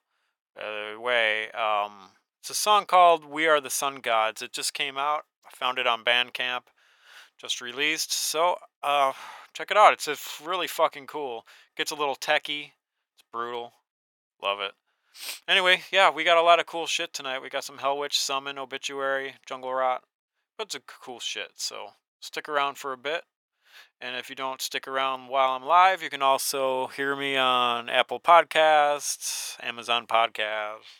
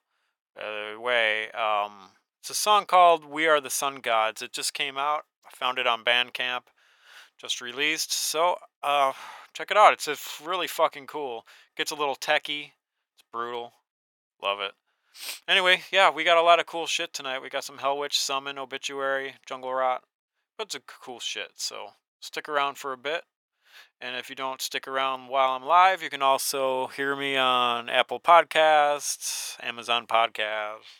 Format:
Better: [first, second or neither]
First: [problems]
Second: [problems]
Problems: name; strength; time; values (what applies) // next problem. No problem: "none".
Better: neither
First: thin; very; fading below 850 Hz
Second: thin; very; fading below 850 Hz